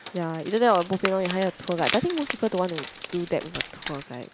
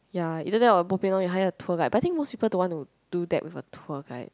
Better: second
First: background sound (Wood + Rain); 10 dB below the speech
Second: none

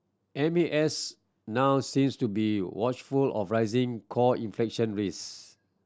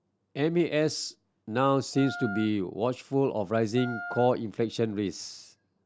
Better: first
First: none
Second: background sound (Wind instrument, woodwind instrument); 11 dB below the speech

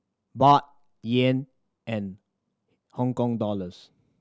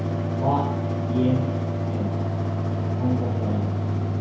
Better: first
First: none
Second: background sound (Mechanical fan); 4 dB above the speech // room echo; dies away in 2.2 s

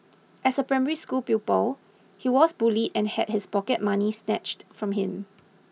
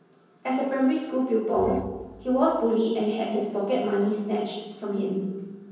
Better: first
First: none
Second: background sound (Bowed string instrument); 17 dB below the speech // room echo; dies away in 1.1 s

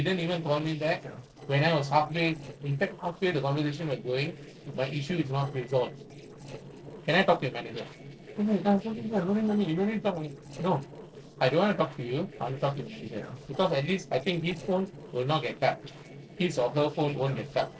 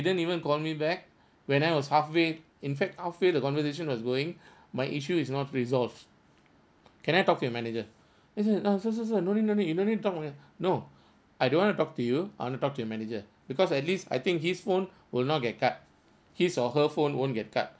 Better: second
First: noise reduction (neural separator model SepFormer DNS4)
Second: none

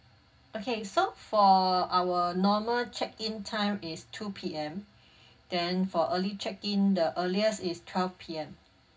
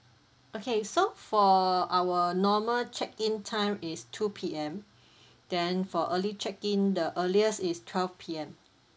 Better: second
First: room echo; dies away in 0.4 s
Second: none

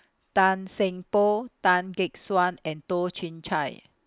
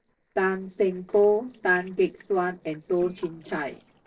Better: first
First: none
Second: noise reduction (neural separator model SepFormer DNS4)

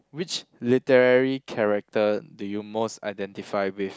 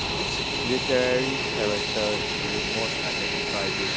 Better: first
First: none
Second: background sound (Fixed-wing aircraft, airplane); 3 dB above the speech

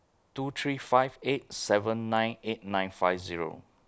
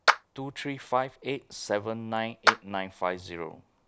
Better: first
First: none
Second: background sound (Clapping); 3 dB above the speech

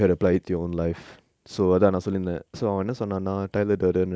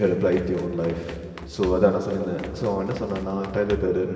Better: first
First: none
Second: background sound (Run); 15 dB below the speech // room echo; dies away in 2.7 s

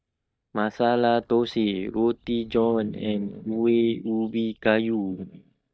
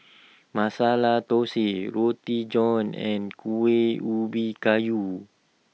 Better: second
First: noise reduction (neural mask model DeepFilterNet 3)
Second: none

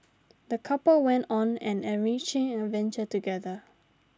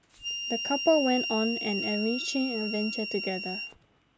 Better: first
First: none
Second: background sound (Harmonica); 5 dB below the speech

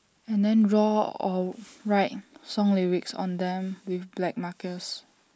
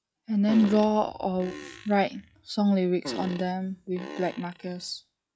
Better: first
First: none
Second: noise reduction (classical method log-MMSE)

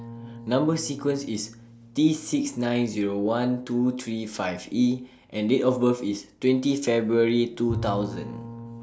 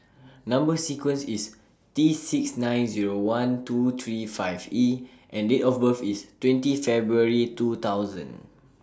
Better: second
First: background sound (Bowed string instrument); 16 dB below the speech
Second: none

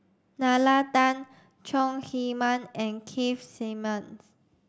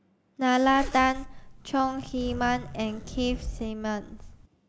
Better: first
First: none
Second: background sound (Zipper (clothing)); 10 dB below the speech

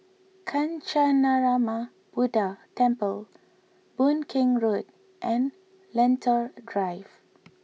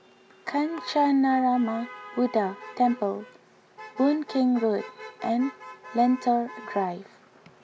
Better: first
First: none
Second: background sound (Motor vehicle (road)); 17 dB below the speech

